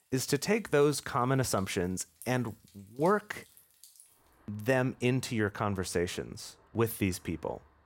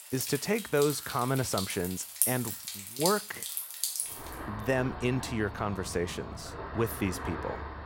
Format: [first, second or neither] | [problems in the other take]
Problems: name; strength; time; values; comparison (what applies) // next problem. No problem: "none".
first | rain or running water; loud; throughout; 4 dB below the speech; faint in the first